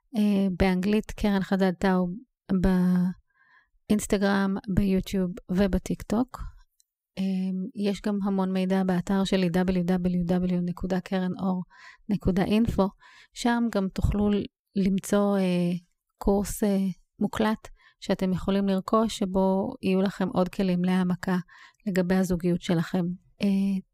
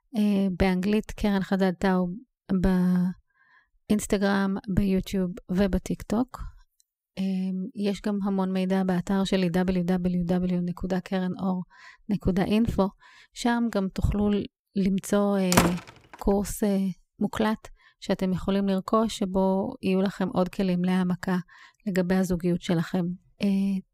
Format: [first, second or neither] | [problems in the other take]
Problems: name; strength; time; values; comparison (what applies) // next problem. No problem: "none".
first | door banging; loud; at 16 s; peak 3 dB above the speech